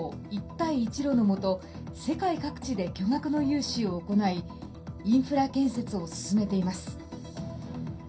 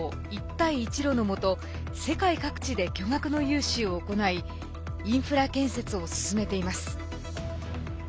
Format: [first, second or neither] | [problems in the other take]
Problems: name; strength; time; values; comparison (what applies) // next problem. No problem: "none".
second | room echo; dies away in 0.3 s